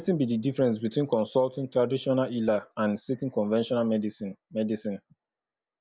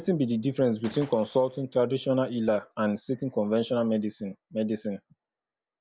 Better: first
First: none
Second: background sound (Gunshot, gunfire); 20 dB below the speech

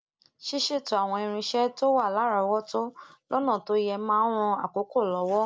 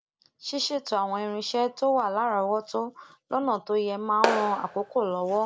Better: first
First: none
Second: background sound (Clapping); 3 dB below the speech

